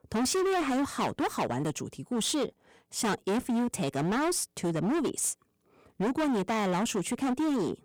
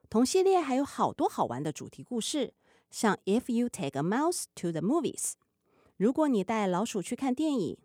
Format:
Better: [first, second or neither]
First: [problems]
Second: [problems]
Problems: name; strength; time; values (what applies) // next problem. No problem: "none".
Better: second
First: distortion; heavy; 24% of the sound clipped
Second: none